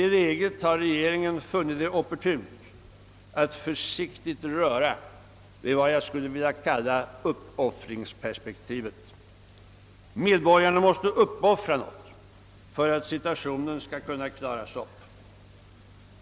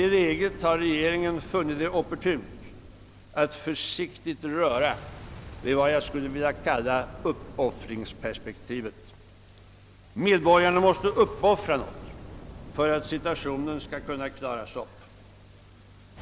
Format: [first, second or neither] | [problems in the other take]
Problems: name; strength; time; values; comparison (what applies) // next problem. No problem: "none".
first | background sound (Boom); 17 dB below the speech